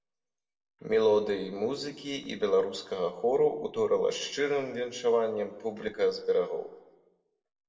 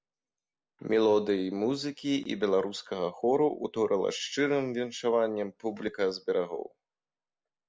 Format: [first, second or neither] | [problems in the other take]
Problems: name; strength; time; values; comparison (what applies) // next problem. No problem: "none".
second | room echo; dies away in 0.8 s